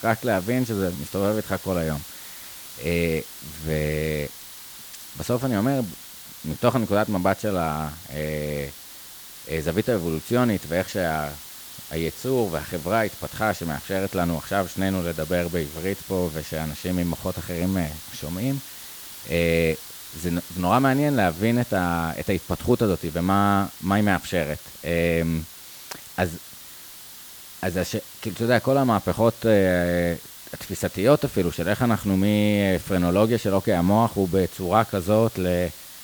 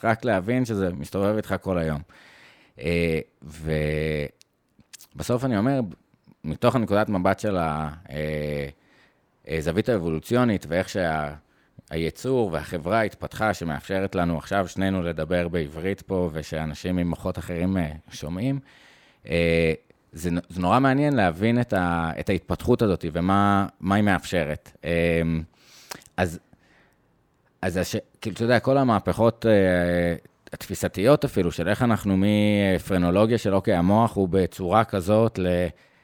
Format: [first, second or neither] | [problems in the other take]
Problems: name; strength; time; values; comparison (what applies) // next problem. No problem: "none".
second | hiss; noticeable; throughout; 15 dB below the speech